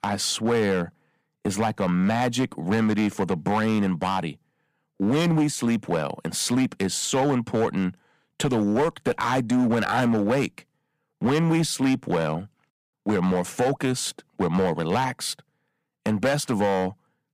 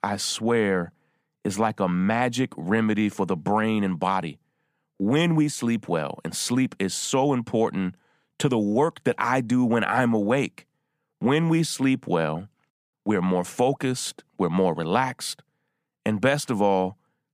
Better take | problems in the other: second | distortion; slight; 8% of the sound clipped

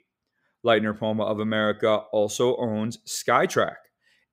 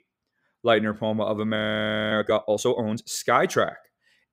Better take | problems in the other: first | audio freezing; at 1.5 s for 0.5 s

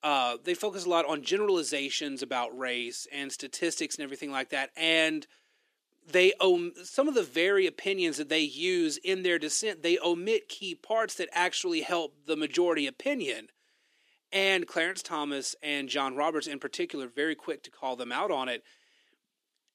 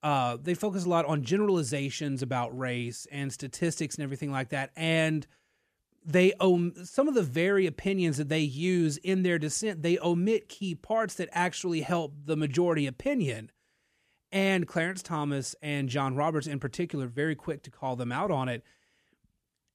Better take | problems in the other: second | thin; somewhat; fading below 300 Hz

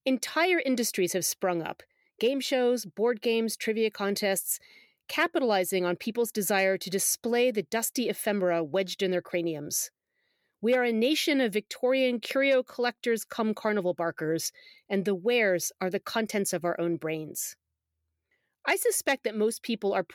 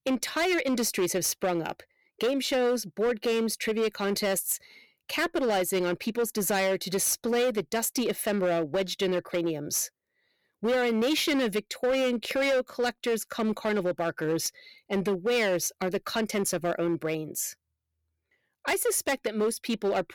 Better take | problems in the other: first | distortion; slight; 12% of the sound clipped

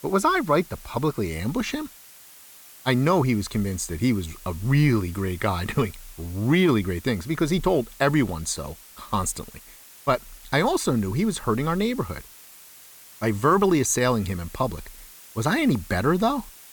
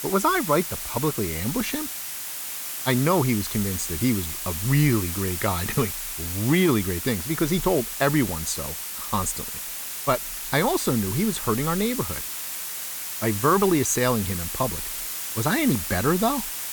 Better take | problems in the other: first | hiss; loud; throughout; 5 dB below the speech; faint in the first

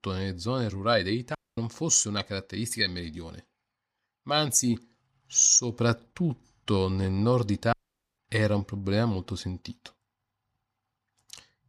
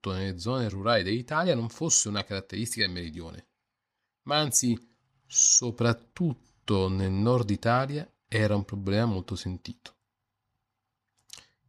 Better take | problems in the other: second | audio cutting out; at 1.5 s and at 7.5 s

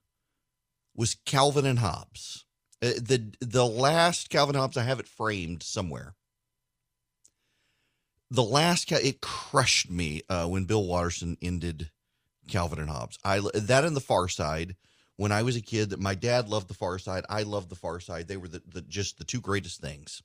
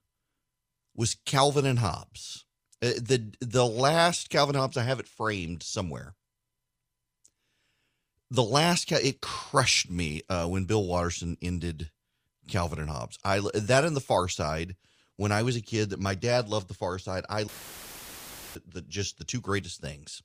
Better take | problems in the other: first | audio cutting out; filled with static; at 17 s for 1 s

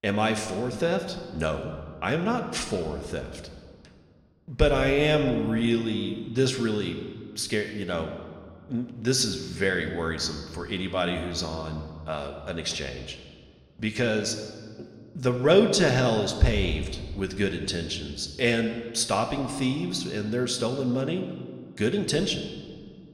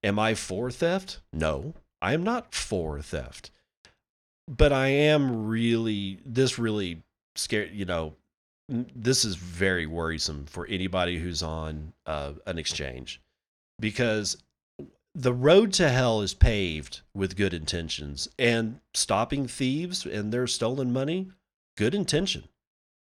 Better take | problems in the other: second | room echo; slight; dies away in 1.4 s

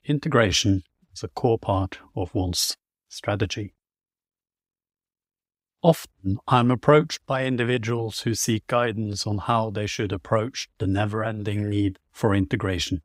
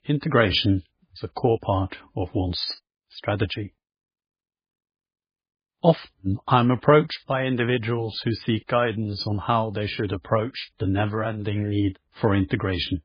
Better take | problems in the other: first | garbled, watery; badly

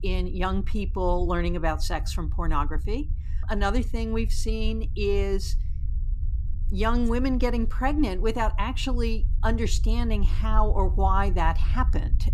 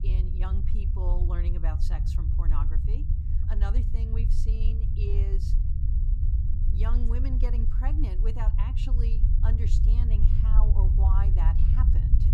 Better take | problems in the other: first | low rumble; loud; throughout; 2 dB below the speech; faint in the first

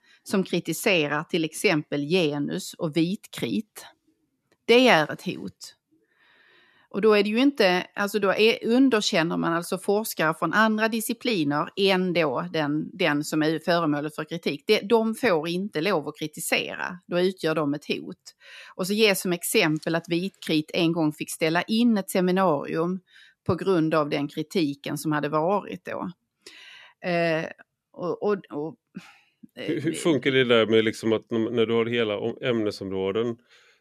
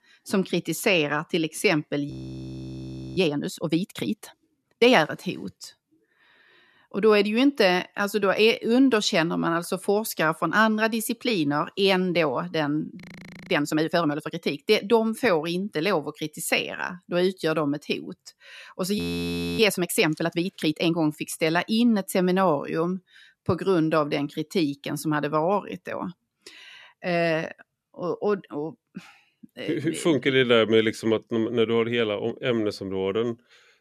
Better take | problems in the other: first | audio freezing; at 2 s for 1 s, at 13 s for 0.5 s and at 19 s for 0.5 s

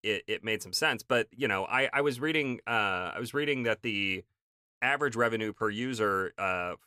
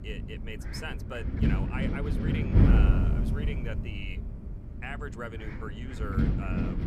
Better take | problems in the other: first | wind noise on the microphone; heavy; 2 dB above the speech

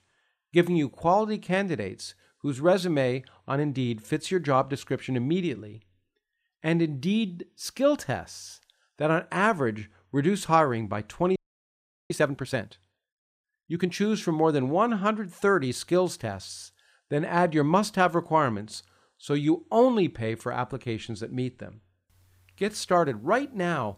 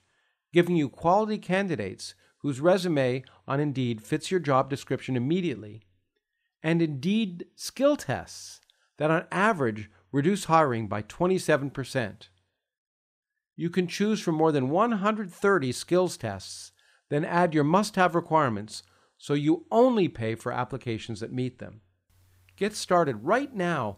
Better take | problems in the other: second | audio freezing; at 11 s for 0.5 s

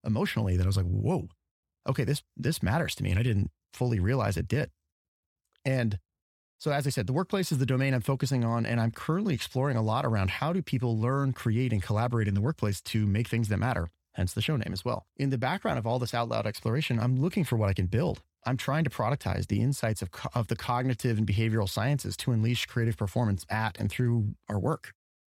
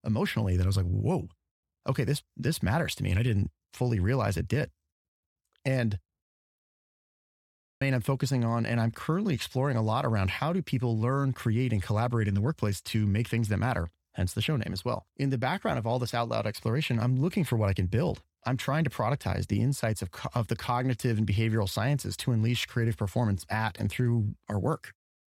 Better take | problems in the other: first | audio cutting out; at 6.5 s for 1 s

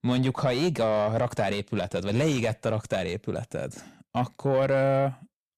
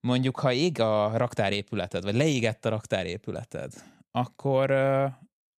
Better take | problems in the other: second | distortion; slight; 10 dB below the speech

